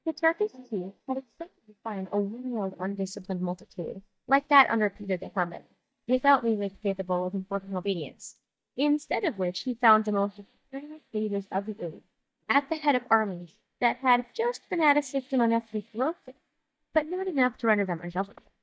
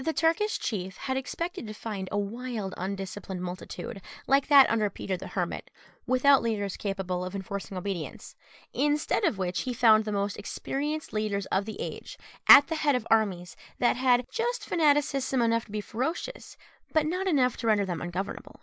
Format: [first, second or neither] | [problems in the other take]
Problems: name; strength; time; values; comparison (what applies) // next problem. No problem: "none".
second | noise reduction (neural mask model DeepFilterNet 3)